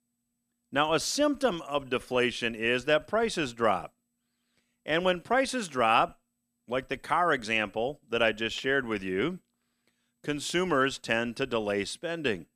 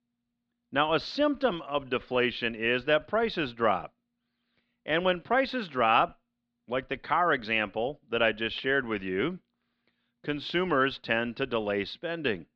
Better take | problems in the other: first | muffled; very slightly; fading above 4 kHz

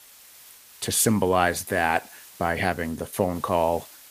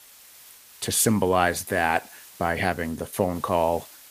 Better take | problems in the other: neither | hiss; faint; throughout; 20 dB below the speech; the same in both

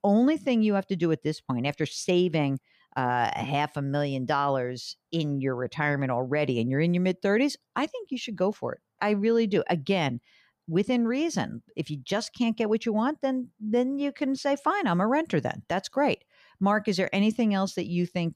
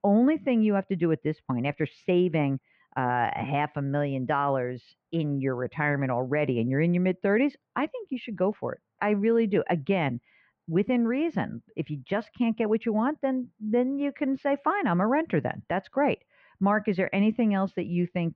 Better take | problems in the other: first | muffled; very; fading above 2.5 kHz

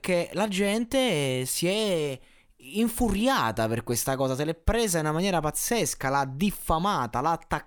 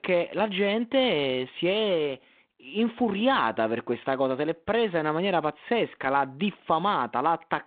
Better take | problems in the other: first | phone-call audio

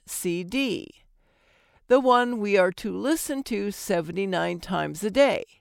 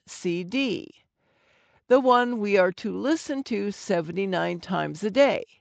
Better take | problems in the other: first | garbled, watery; slightly; nothing above 7.5 kHz

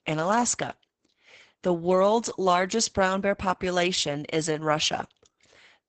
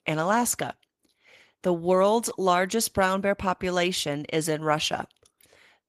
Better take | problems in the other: second | garbled, watery; badly; nothing above 8 kHz; slightly in the second

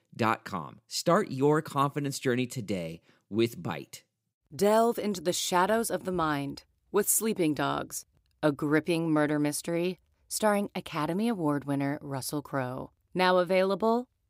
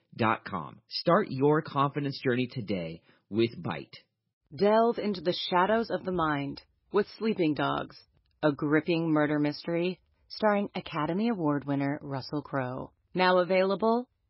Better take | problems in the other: first | garbled, watery; badly; nothing above 5.5 kHz

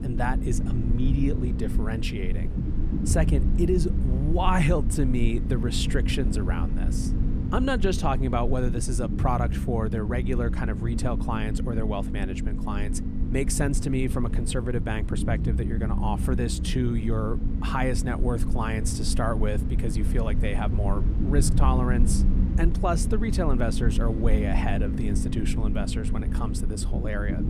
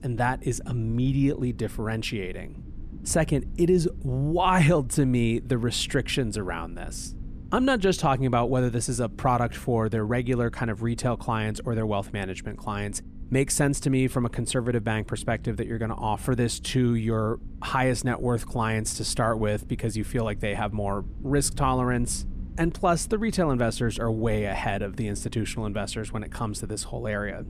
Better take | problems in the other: second | low rumble; loud; throughout; 7 dB below the speech; faint in the second

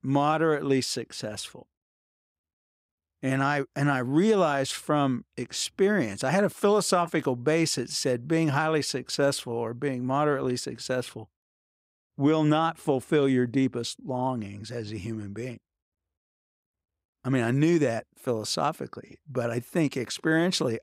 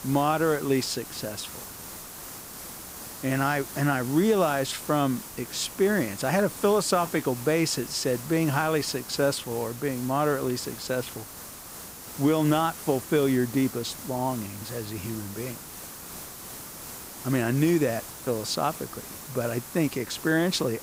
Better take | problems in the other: first | hiss; noticeable; throughout; 10 dB below the speech

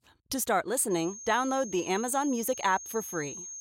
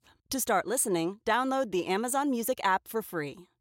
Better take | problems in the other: second | high-pitched whine; noticeable; from 1 s on; 6.5 kHz, 10 dB below the speech

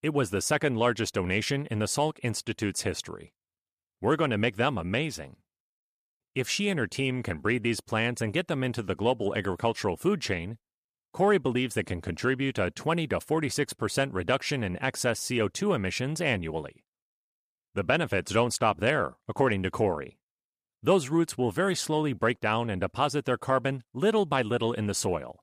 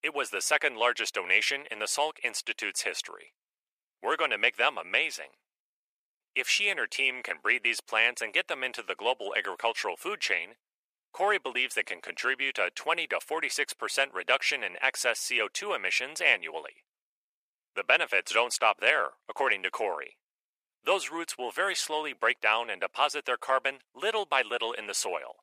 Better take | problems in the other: first | thin; very; fading below 550 Hz

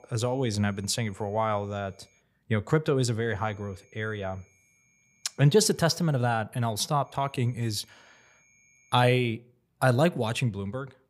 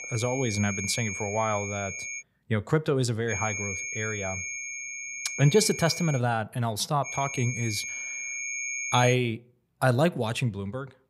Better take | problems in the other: first | high-pitched whine; loud; until 2 s, from 3.5 to 6 s and from 7 to 9 s; 2.5 kHz, 5 dB below the speech; faint in the first

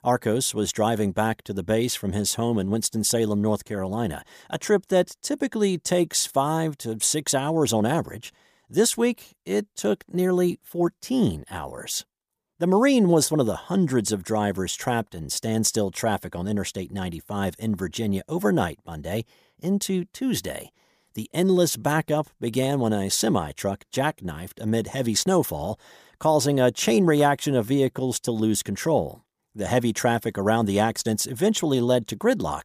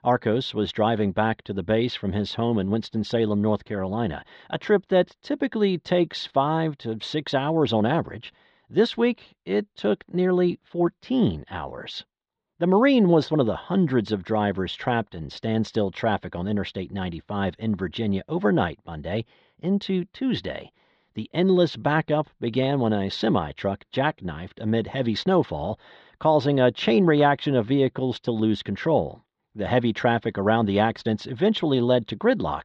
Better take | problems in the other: first | muffled; very; fading above 4 kHz

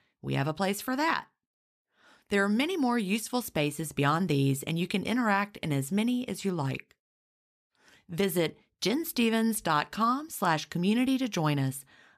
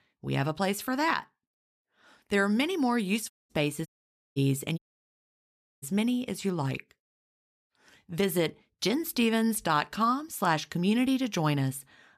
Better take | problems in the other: first | audio cutting out; at 3.5 s, at 4 s for 0.5 s and at 5 s for 1 s

